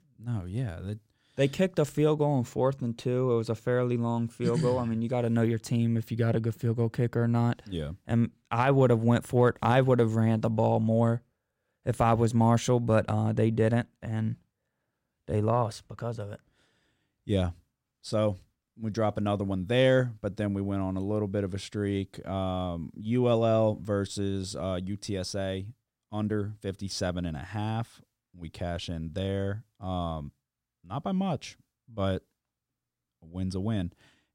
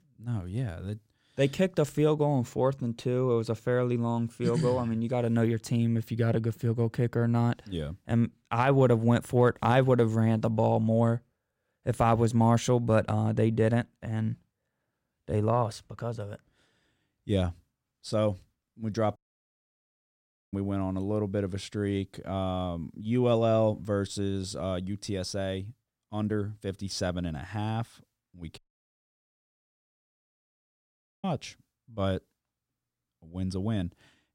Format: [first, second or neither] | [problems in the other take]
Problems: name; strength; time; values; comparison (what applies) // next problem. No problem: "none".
first | audio cutting out; at 19 s for 1.5 s and at 29 s for 2.5 s